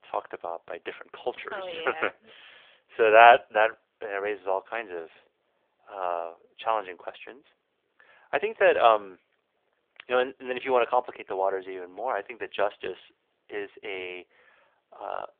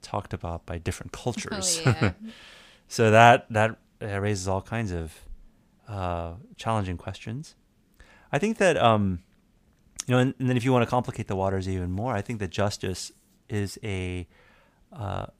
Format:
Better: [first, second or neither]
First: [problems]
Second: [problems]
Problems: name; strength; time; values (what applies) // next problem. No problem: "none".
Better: second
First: phone-call audio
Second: none